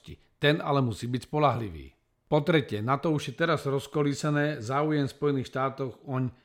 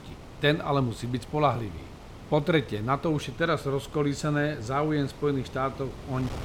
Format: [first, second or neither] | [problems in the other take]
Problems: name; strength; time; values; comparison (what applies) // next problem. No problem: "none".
first | wind noise on the microphone; occasional gusts; 20 dB below the speech